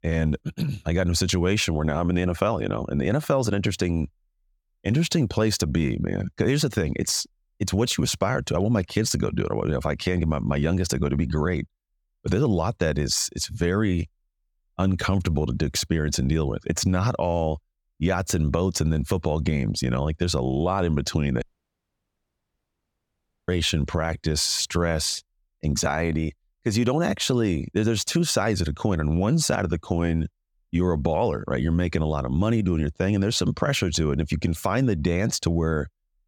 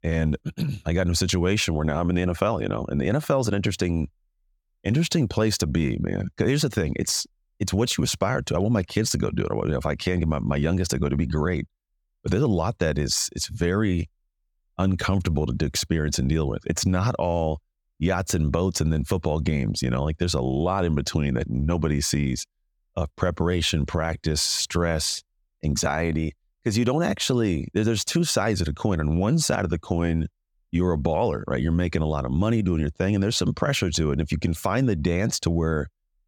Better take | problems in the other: second | audio cutting out; at 21 s for 2 s

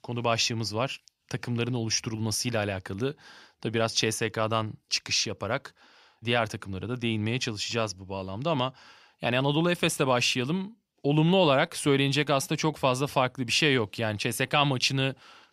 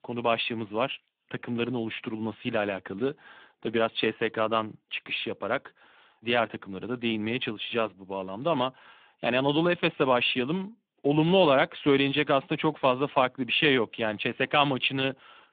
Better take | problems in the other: first | phone-call audio; nothing above 3.5 kHz

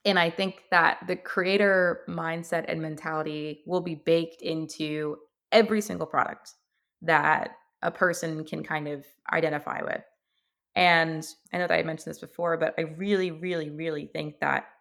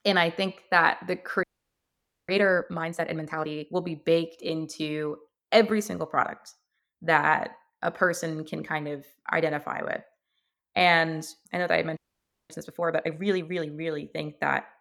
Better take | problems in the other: first | audio freezing; at 1.5 s for 1 s and at 12 s for 0.5 s

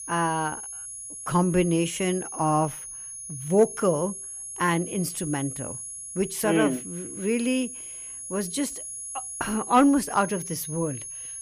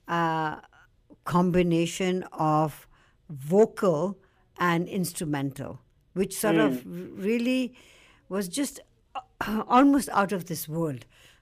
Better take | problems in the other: second | high-pitched whine; loud; throughout; 10.5 kHz, 9 dB below the speech

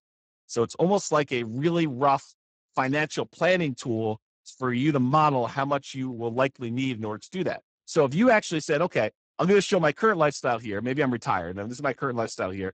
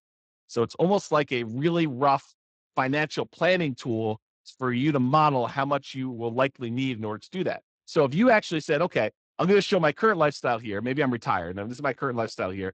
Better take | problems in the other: second | garbled, watery; badly; nothing above 8 kHz; slightly in the second

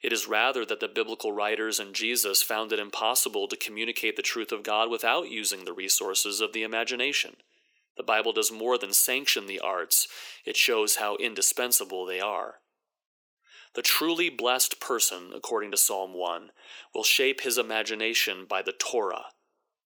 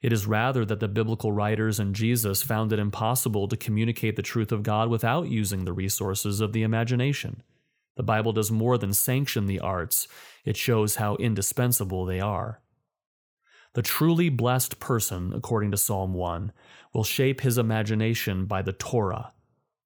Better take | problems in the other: second | thin; very; fading below 300 Hz

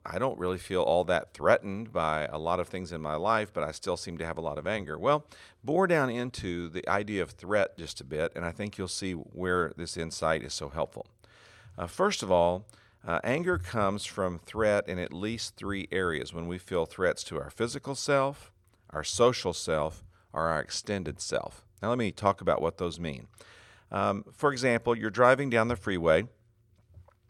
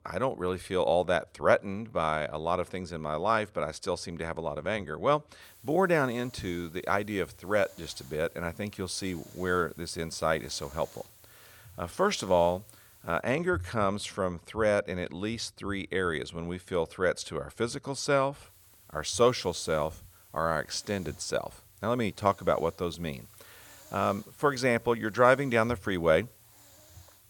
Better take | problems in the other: first | hiss; faint; from 5.5 to 13 s and from 18 s on; 25 dB below the speech

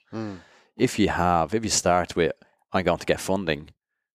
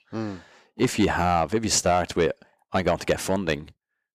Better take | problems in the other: first | distortion; slight; 10 dB below the speech

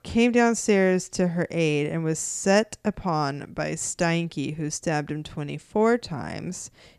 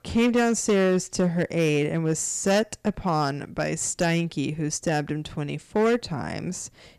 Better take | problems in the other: first | distortion; slight; 5% of the sound clipped

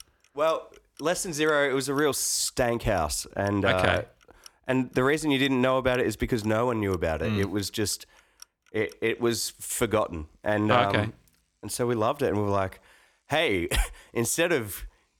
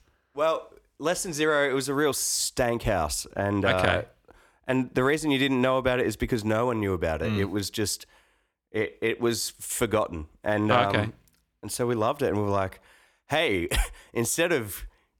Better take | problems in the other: second | household noises; faint; throughout; 25 dB below the speech

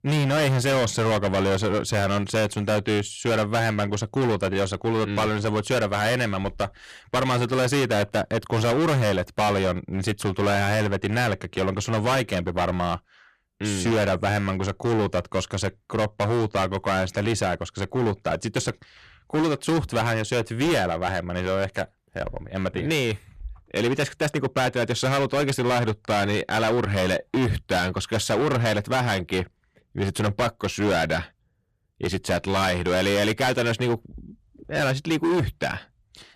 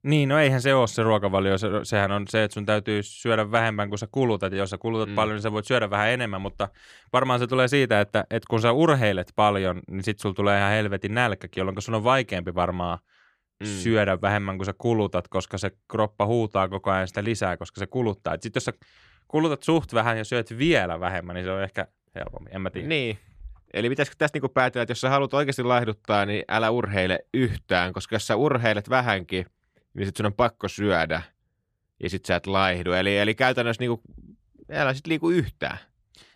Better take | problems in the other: second | distortion; heavy; 19% of the sound clipped

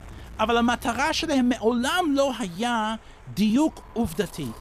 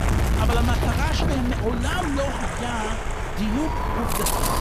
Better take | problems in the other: first | wind noise on the microphone; heavy; 1 dB above the speech; occasional gusts in the first

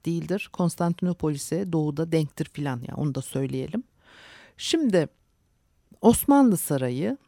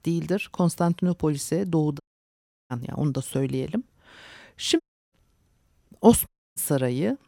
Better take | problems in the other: first | audio cutting out; at 2 s for 0.5 s, at 5 s and at 6.5 s

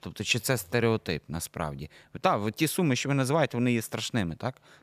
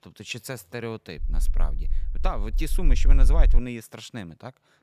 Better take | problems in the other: first | low rumble; noticeable; from 1 to 3.5 s; 15 dB below the speech

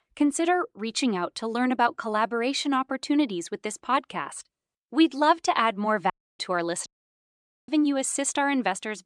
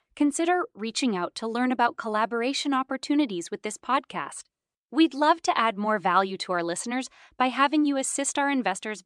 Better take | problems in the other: second | audio cutting out; at 6 s and at 7 s for 1 s

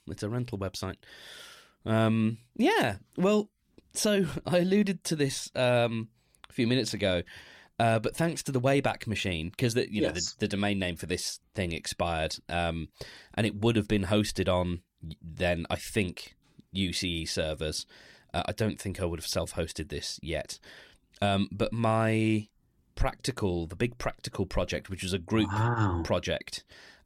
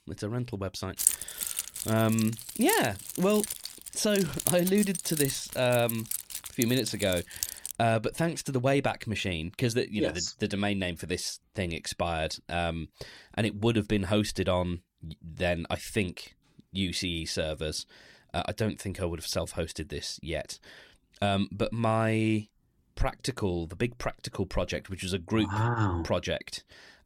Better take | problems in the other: first | jangling keys; loud; from 1 to 7.5 s; peak 5 dB above the speech

